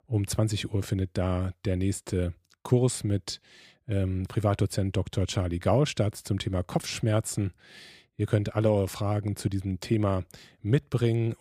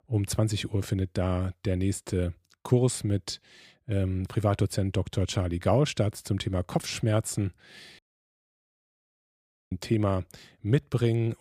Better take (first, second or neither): first